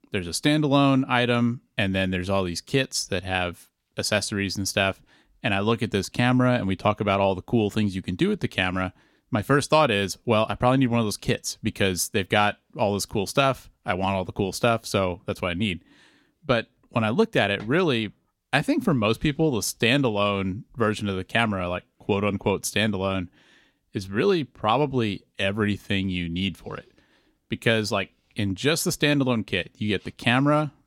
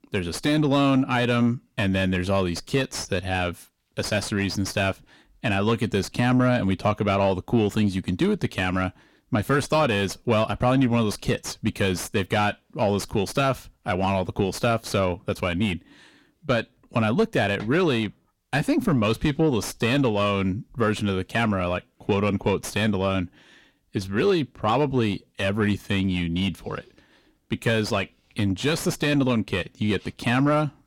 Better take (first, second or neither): first